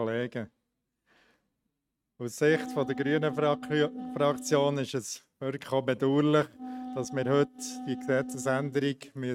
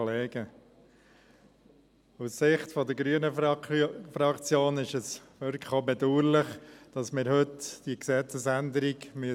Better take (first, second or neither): second